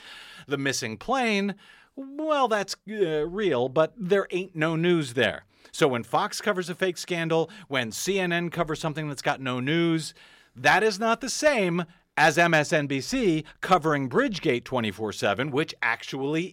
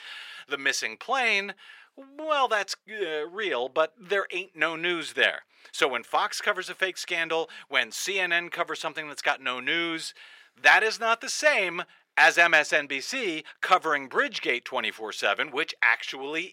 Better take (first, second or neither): first